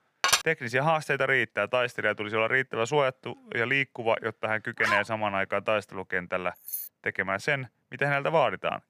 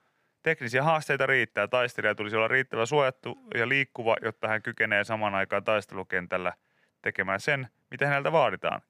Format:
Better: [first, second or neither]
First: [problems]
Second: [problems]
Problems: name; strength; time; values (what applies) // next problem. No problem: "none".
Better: second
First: clattering dishes; loud; at the start; peak 3 dB above the speech // dog barking; noticeable; at 5 s; peak 3 dB below the speech // jangling keys; noticeable; at 6.5 s; peak 8 dB below the speech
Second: none